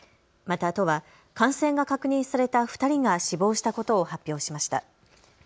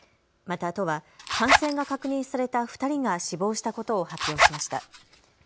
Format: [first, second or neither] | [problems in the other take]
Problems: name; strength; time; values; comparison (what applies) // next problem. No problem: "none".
first | background sound (Zipper (clothing)); 3 dB above the speech